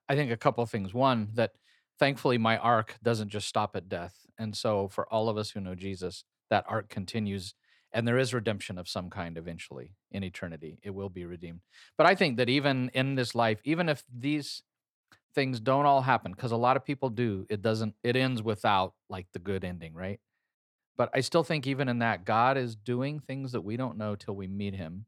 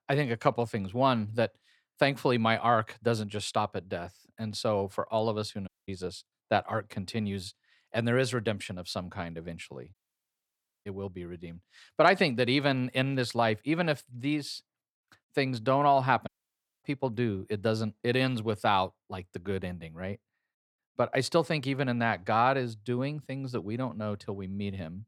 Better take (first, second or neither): first